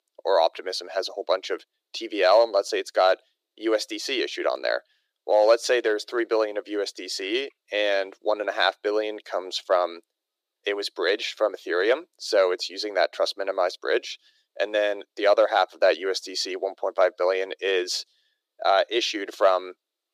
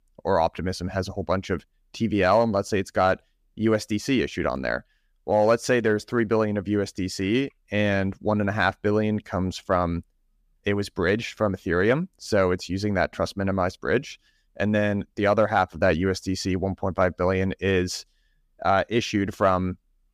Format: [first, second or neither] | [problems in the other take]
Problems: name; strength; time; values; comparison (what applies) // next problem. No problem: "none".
second | thin; very; fading below 350 Hz